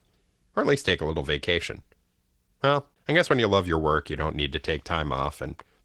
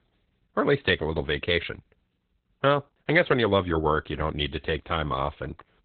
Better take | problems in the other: first | garbled, watery; badly; nothing above 3.5 kHz; slightly in the first

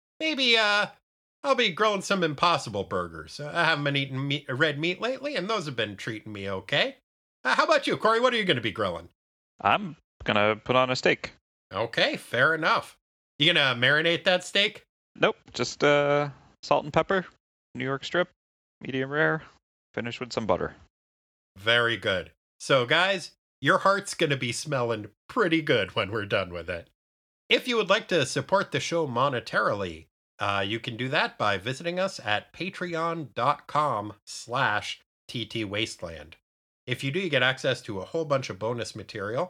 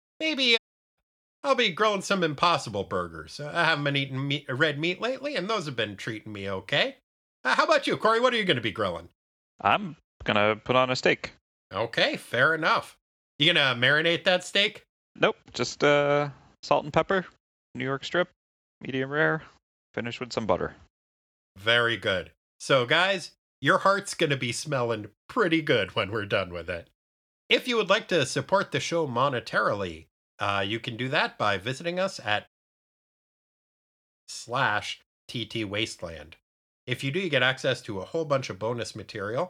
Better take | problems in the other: first | audio cutting out; at 0.5 s and at 32 s for 2 s

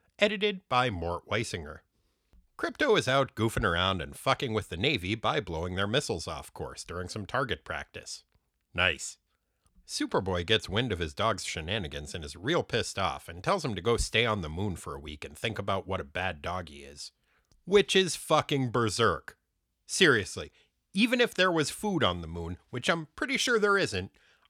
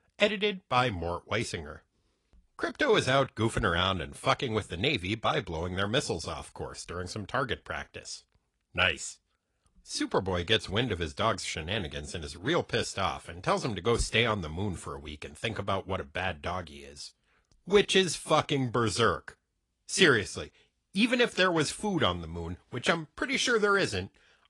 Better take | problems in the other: first | garbled, watery; slightly; nothing above 10 kHz

